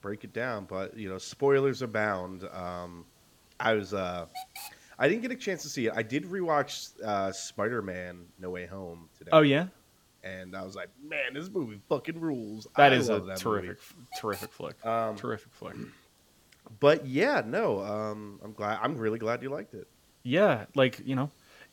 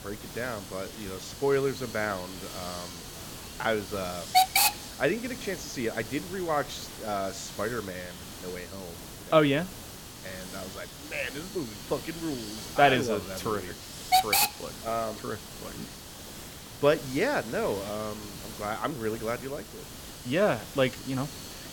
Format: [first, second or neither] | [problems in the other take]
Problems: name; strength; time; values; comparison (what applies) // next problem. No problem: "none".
first | hiss; loud; throughout; 4 dB below the speech; faint in the first